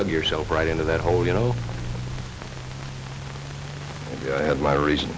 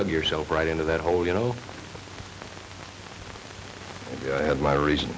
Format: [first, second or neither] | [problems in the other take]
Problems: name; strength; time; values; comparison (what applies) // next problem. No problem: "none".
second | background sound (Walk, footsteps); 7 dB below the speech